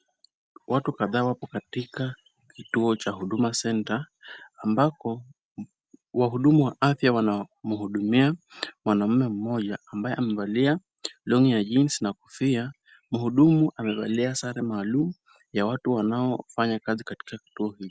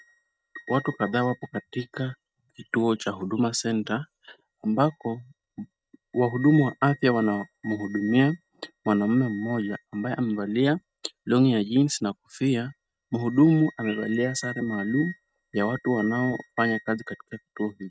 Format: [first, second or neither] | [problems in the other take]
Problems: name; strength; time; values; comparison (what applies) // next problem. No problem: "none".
first | noise reduction (neural mask model RNNoise)